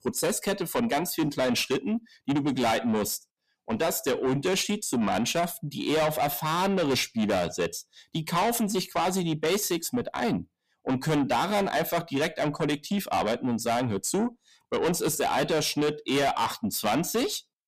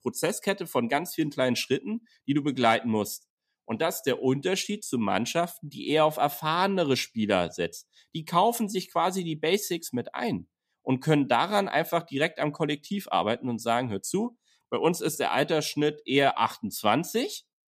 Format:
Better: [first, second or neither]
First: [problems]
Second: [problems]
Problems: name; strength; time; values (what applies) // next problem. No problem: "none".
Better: second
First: distortion; heavy; 6 dB below the speech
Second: none